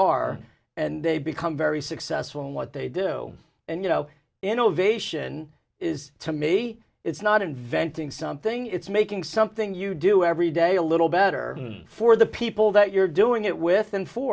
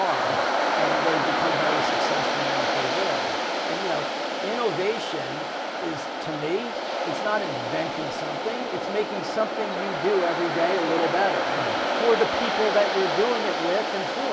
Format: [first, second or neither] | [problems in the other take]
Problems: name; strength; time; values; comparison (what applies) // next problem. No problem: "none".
first | background sound (Waves, surf); 2 dB above the speech